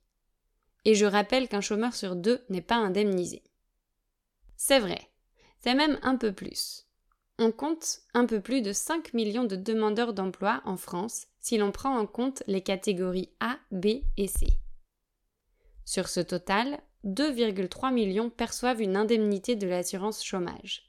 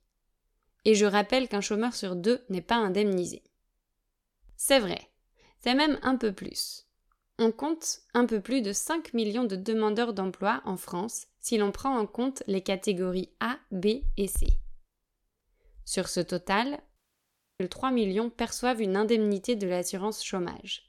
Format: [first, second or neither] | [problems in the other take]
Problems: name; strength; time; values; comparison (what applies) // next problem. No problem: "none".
first | audio cutting out; at 17 s for 0.5 s